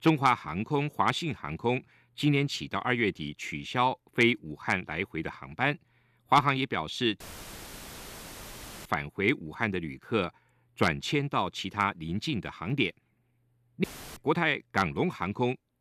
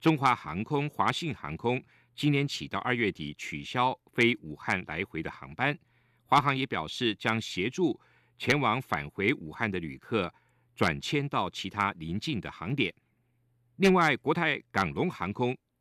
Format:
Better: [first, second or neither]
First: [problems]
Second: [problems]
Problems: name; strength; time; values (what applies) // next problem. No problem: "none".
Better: second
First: audio cutting out; filled with static; at 7 s for 1.5 s and at 14 s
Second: none